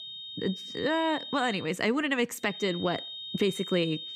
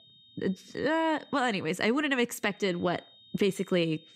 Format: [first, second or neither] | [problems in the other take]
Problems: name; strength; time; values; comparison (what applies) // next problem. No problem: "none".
second | high-pitched whine; loud; until 1.5 s and from 2.5 s on; 3.5 kHz, 8 dB below the speech; faint in the second